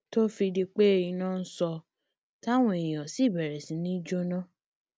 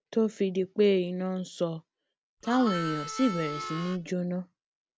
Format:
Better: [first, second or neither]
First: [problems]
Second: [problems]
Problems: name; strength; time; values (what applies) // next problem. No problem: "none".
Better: first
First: none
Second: background sound (Harmonica); 7 dB below the speech